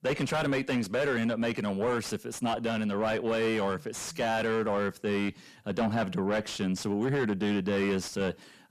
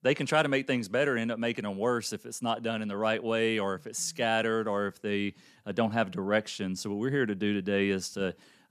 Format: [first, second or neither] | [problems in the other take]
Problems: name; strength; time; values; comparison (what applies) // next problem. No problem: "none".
second | distortion; heavy; 7 dB below the speech